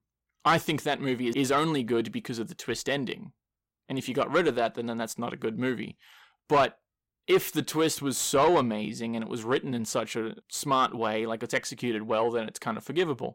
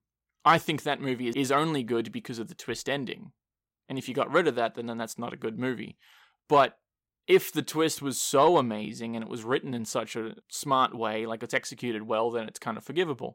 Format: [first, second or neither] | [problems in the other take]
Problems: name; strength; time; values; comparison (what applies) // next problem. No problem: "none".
second | distortion; slight; 10 dB below the speech